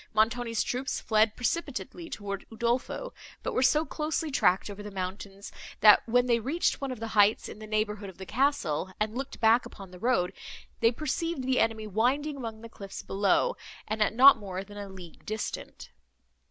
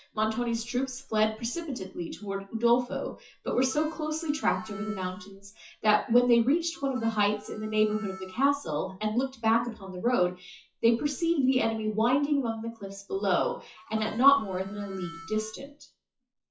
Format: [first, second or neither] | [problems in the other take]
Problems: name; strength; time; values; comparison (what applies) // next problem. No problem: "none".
first | noise reduction (classical method WPE with log-MMSE)